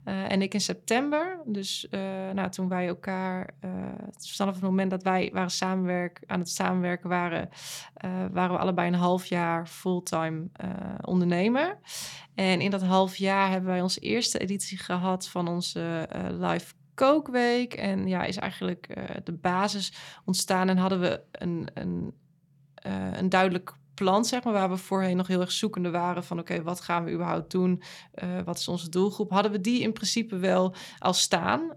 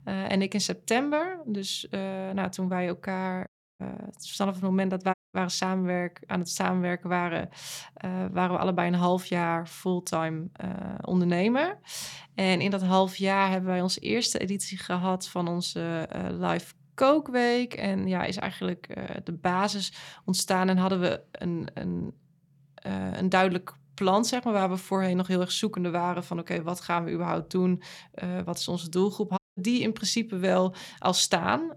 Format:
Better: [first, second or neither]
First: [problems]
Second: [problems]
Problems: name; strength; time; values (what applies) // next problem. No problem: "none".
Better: first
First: none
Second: audio cutting out; at 3.5 s, at 5 s and at 29 s